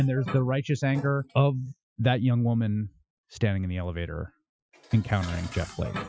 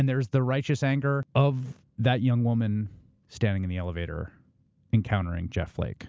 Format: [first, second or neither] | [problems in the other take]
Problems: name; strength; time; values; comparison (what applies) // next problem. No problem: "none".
second | noise reduction (classical method Wiener filter)